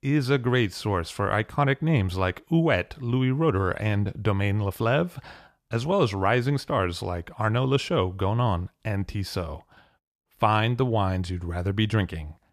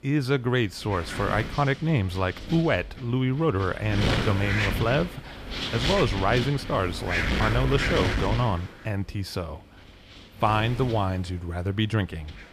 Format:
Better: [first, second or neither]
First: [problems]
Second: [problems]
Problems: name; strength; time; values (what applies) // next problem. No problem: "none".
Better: first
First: none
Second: wind noise on the microphone; heavy; 2 dB below the speech